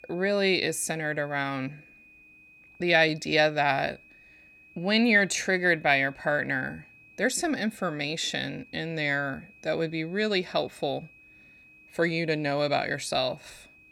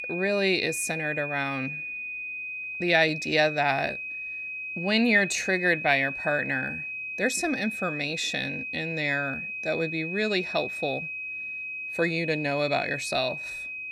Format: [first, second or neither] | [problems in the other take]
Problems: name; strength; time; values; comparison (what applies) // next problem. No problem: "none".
first | high-pitched whine; loud; throughout; 2.5 kHz, 6 dB below the speech; faint in the first